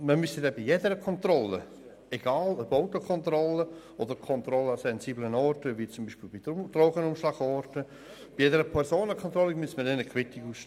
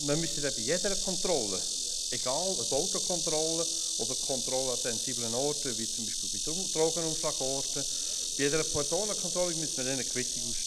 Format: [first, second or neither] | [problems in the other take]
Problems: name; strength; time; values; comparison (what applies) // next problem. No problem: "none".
first | background sound (Insect); 2 dB above the speech